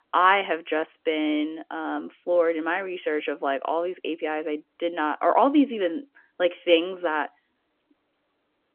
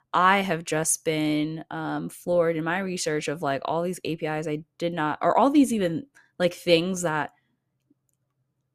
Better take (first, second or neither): second